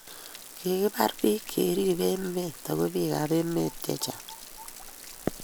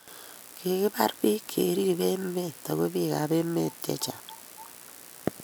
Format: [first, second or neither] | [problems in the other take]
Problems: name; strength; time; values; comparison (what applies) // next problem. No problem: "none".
second | background sound (Stream / Trickle, dribble / Splash, splatter); 18 dB below the speech